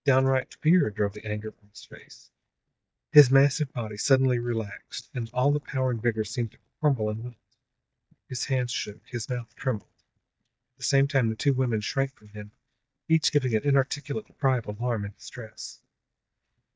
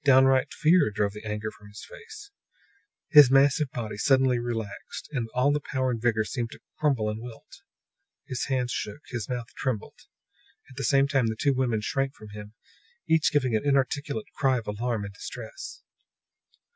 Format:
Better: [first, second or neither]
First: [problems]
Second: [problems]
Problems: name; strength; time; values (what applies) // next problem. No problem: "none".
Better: second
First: noise reduction (neural mask model DeepFilterNet 3)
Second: none